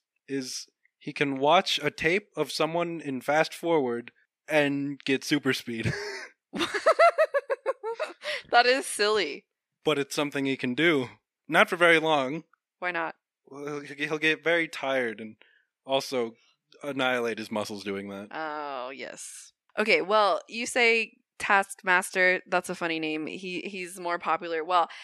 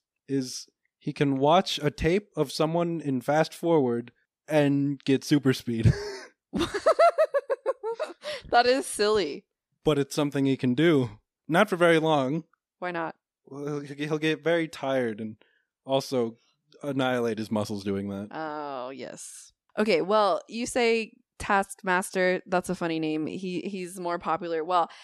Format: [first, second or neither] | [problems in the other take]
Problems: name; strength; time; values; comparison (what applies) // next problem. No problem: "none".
second | thin; very slightly; fading below 400 Hz